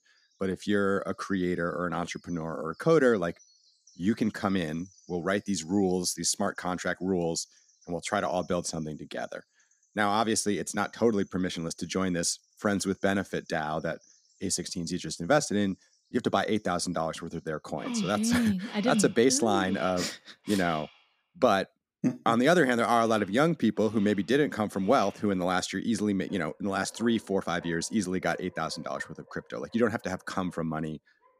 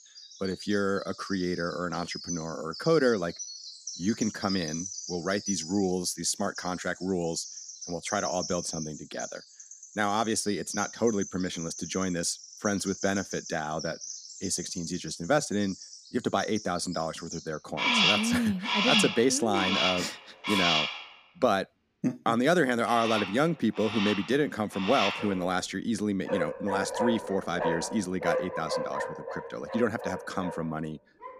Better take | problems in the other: first | animal sounds; loud; throughout; 3 dB below the speech; faint in the first

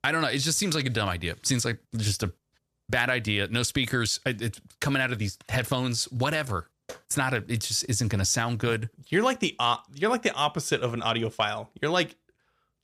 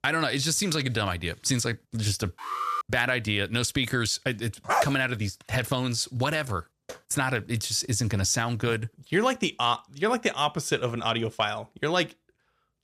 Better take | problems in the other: first | alarm; noticeable; at 2.5 s; peak 2 dB below the speech // dog barking; loud; at 4.5 s; peak 1 dB above the speech

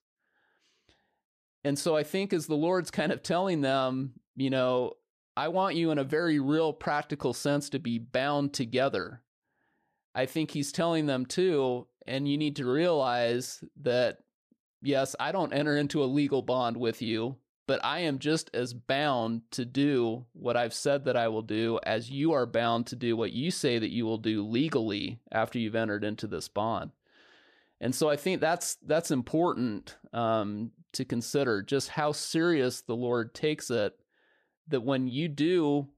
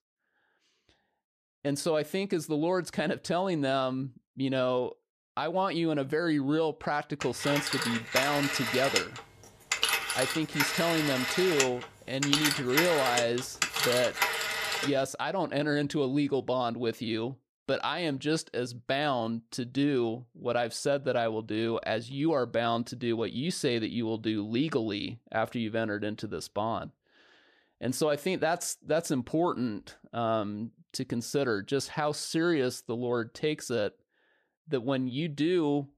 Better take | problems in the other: first | phone ringing; loud; from 7 to 15 s; peak 4 dB above the speech

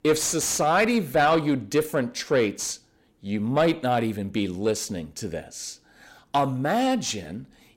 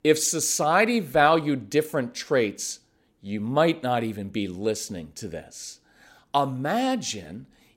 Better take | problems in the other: second | distortion; slight; 10 dB below the speech

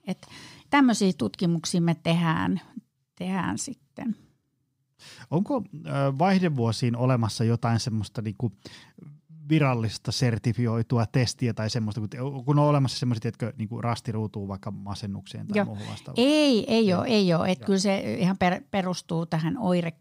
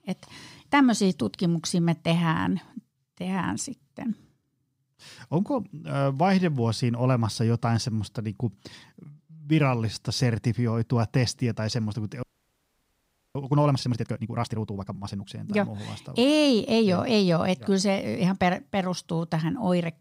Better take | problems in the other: first | audio freezing; at 12 s for 1 s

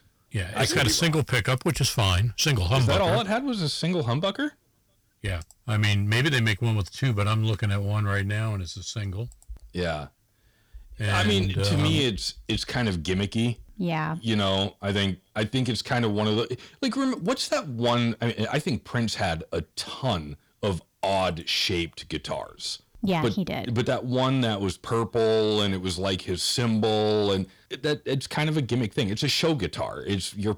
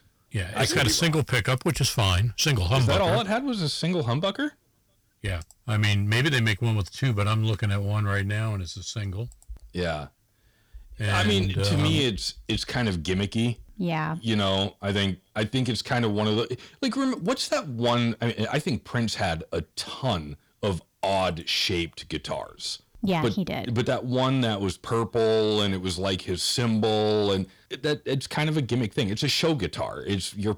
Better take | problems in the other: neither | distortion; slight; 10 dB below the speech; the same in both

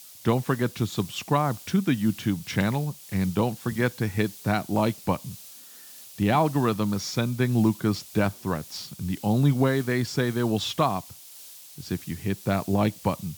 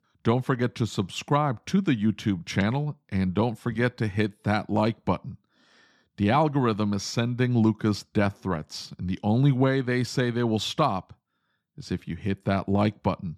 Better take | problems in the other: second | hiss; noticeable; throughout; 15 dB below the speech

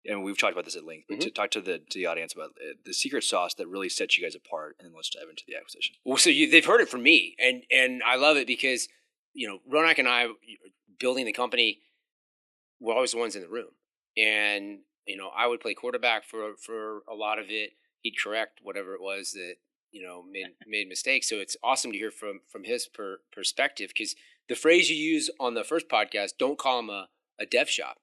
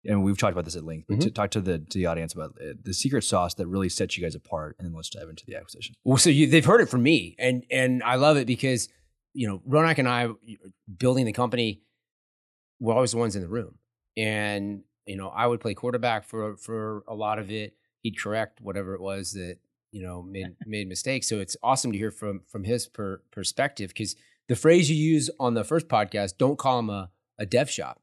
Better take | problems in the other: second | thin; somewhat; fading below 300 Hz

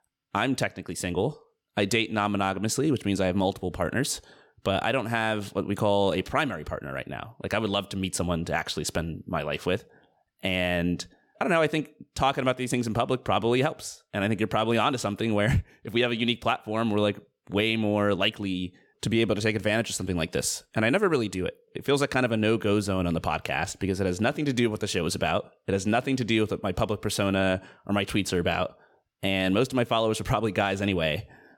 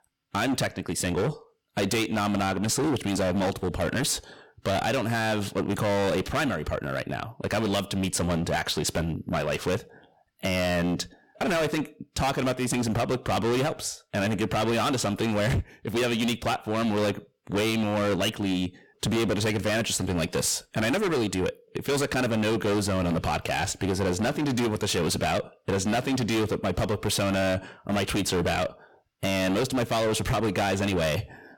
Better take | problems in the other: first | distortion; heavy; 24% of the sound clipped

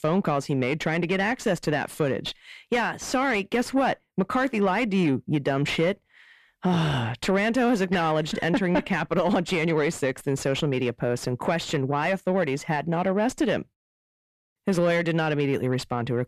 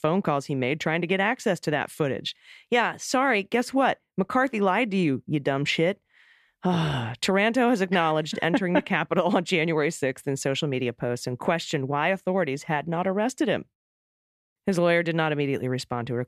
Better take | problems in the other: second | distortion; slight; 10 dB below the speech

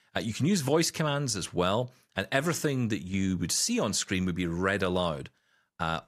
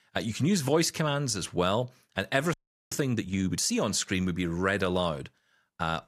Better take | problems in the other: first | audio freezing; at 2.5 s

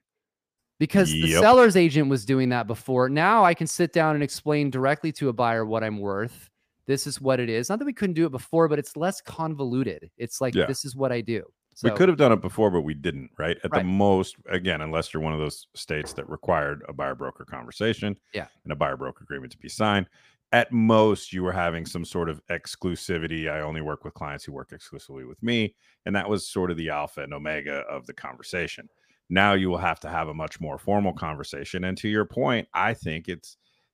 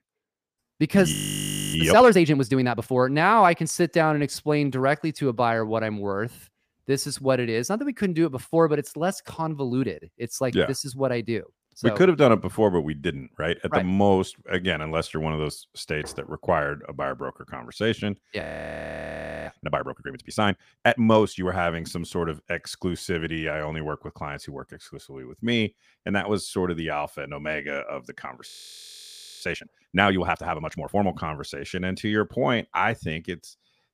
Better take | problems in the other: first | audio freezing; at 1 s for 0.5 s, at 18 s for 1 s and at 28 s for 1 s

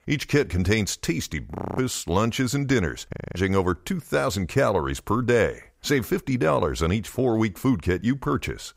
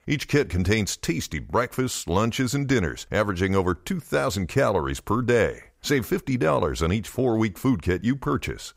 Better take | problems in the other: second | audio freezing; at 1.5 s and at 3 s

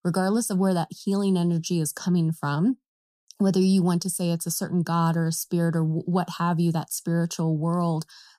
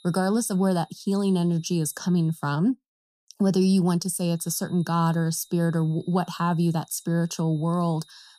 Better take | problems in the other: first | high-pitched whine; faint; until 2.5 s and from 4.5 s on; 3.5 kHz, 30 dB below the speech

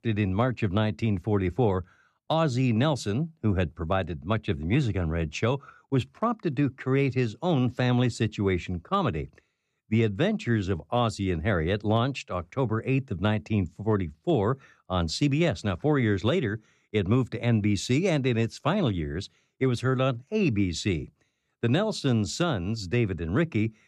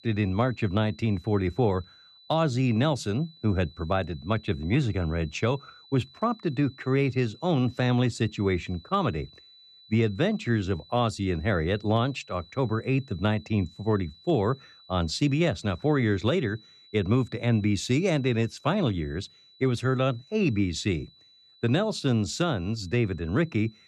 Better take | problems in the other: first | high-pitched whine; faint; throughout; 4 kHz, 25 dB below the speech

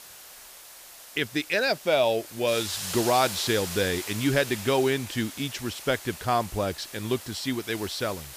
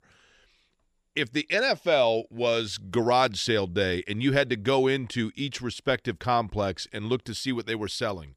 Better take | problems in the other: second | hiss; loud; throughout; 10 dB below the speech

